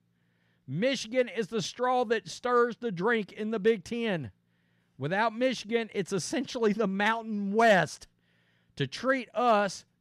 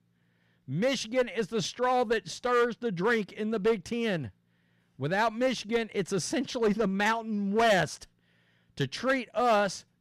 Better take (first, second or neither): first